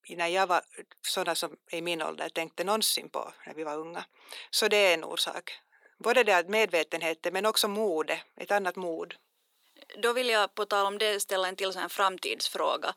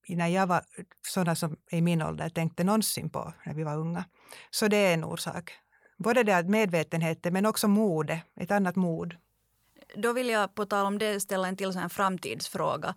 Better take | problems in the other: second | thin; very; fading below 300 Hz

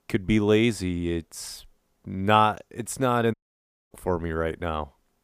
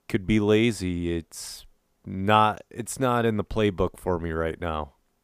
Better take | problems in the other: second | audio cutting out; at 3.5 s for 0.5 s

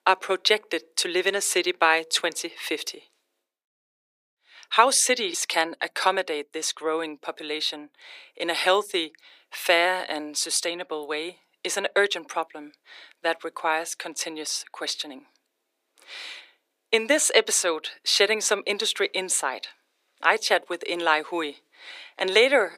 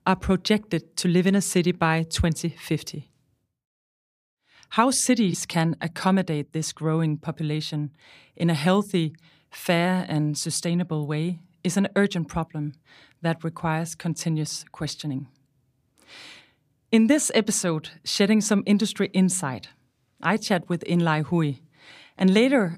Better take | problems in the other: second | thin; very; fading below 400 Hz

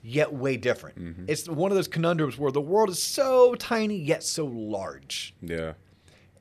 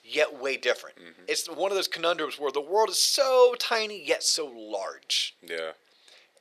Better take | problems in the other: first | thin; very; fading below 450 Hz

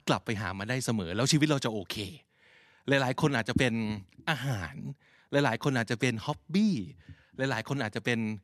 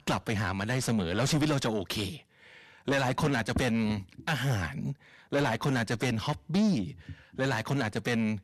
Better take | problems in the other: first | distortion; heavy; 6 dB below the speech

